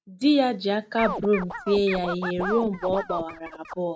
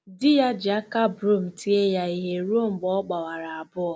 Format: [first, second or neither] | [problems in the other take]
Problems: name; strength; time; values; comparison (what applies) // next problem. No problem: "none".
second | noise reduction (neural mask model RNNoise)